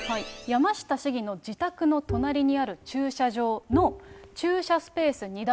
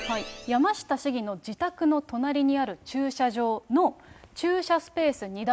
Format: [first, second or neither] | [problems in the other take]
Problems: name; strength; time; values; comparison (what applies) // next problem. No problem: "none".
second | background sound (Bowed string instrument); 12 dB below the speech